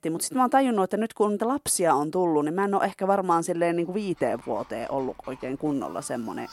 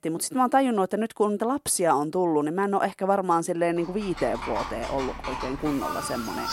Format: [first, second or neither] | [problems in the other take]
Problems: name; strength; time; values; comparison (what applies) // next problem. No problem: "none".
first | animal sounds; loud; from 4 s on; 9 dB below the speech; faint in the first